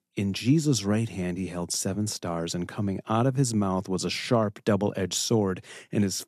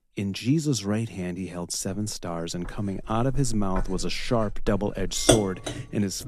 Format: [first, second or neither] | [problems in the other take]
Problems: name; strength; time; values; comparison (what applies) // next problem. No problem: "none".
first | household noises; loud; throughout; 1 dB below the speech